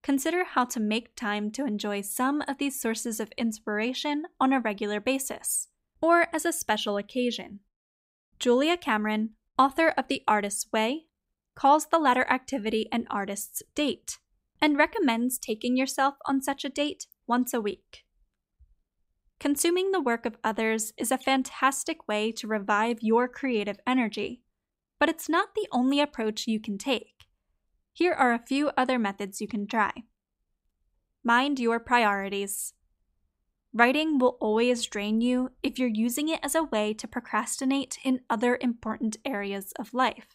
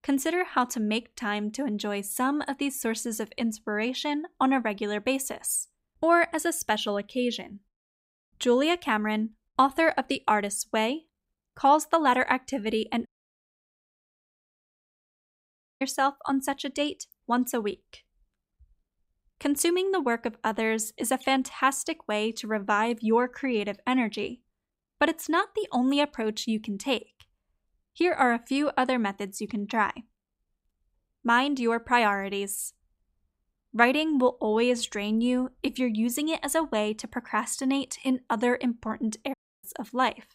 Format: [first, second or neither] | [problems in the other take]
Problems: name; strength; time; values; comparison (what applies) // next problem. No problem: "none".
first | audio cutting out; at 13 s for 3 s and at 39 s